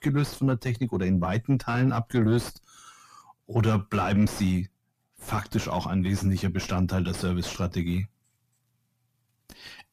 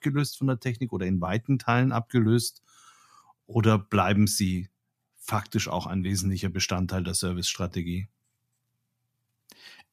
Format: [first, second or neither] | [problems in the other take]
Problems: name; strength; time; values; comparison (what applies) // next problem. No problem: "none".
second | distortion; heavy; 6 dB below the speech